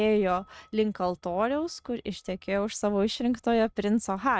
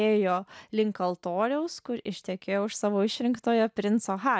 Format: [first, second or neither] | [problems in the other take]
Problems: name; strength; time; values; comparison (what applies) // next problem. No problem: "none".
second | noise reduction (neural mask model RNNoise)